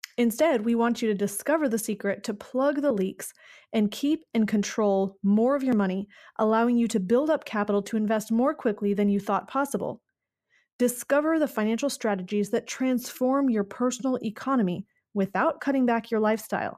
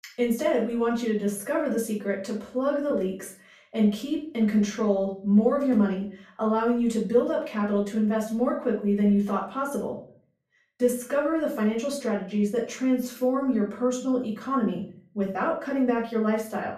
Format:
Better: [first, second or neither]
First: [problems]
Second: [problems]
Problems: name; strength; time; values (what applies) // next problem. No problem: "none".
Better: first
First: none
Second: off-mic speech; far // room echo; slight; dies away in 0.4 s